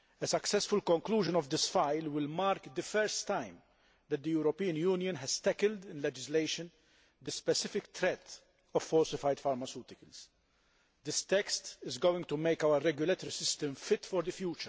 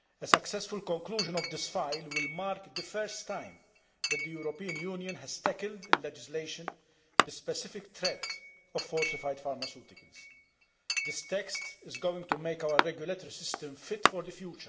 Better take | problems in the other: first | background sound (Chink, clink); 2 dB above the speech // room echo; dies away in 1.6 s

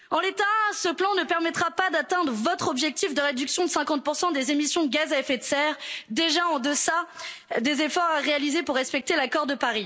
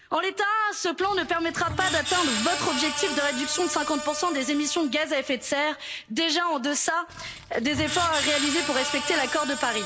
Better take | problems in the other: first | background sound (Screech); 7 dB below the speech

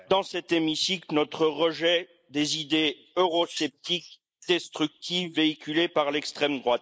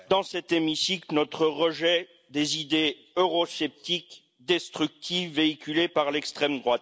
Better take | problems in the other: second | noise reduction (neural mask model Resemble Enhance denoiser)

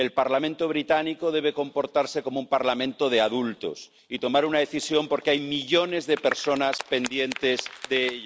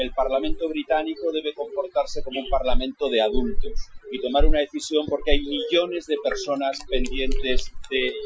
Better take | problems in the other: first | noise reduction (classical method Wiener filter)

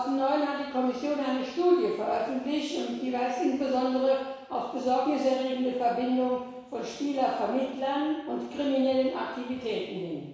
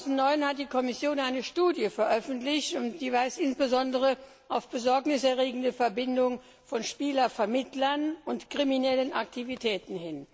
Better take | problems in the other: second | room echo; dies away in 1.1 s

